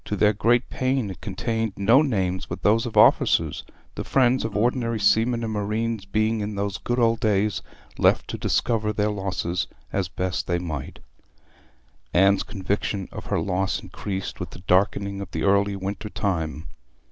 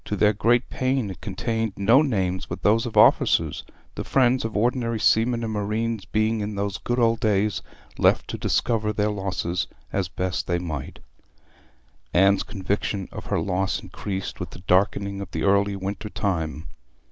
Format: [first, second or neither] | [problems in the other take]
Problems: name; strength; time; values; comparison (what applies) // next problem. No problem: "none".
second | background sound (Ringtone); 19 dB below the speech